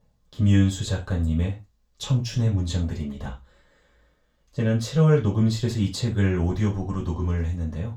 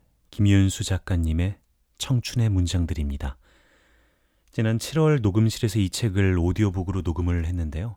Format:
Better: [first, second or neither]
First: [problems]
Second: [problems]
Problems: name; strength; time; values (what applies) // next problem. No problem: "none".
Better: second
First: room echo; slight; dies away in 0.3 s // off-mic speech; far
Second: none